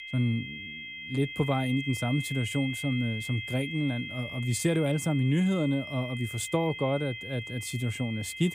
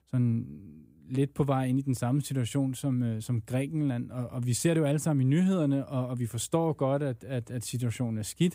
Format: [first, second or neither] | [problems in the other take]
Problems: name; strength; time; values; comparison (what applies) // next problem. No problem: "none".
second | high-pitched whine; loud; throughout; 2 kHz, 7 dB below the speech